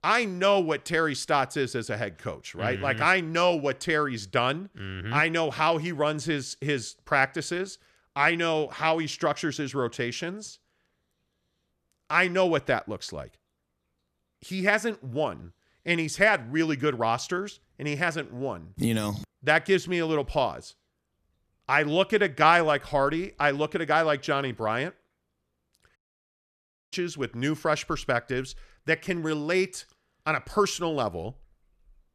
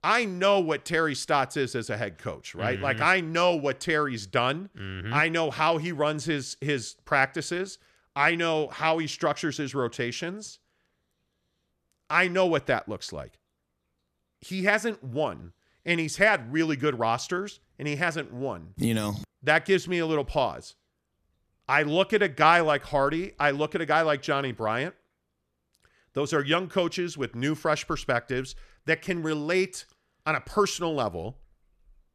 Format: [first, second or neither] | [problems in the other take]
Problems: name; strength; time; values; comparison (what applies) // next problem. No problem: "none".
second | audio cutting out; at 26 s for 1 s